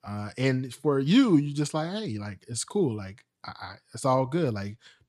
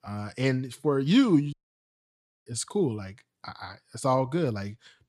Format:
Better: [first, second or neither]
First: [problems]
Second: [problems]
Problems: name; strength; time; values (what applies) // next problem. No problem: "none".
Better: first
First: none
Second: audio cutting out; at 1.5 s for 1 s